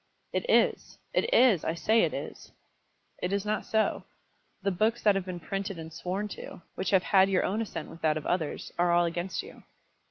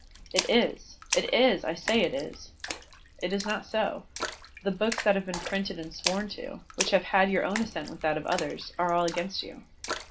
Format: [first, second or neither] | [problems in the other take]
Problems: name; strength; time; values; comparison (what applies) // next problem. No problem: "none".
first | background sound (Splash, splatter); 9 dB below the speech // room echo; dies away in 0.2 s